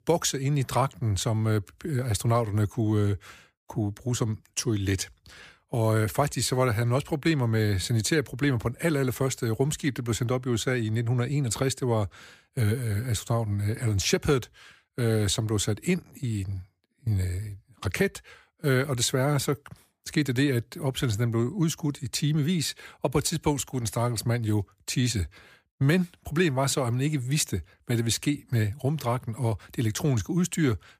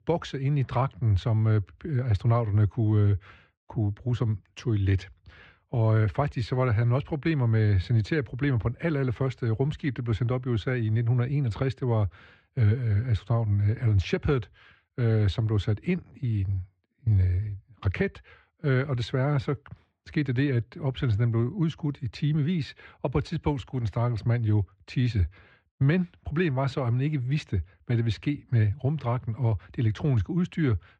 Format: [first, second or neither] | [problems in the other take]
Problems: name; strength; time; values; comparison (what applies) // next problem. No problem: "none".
first | muffled; slightly; fading above 3 kHz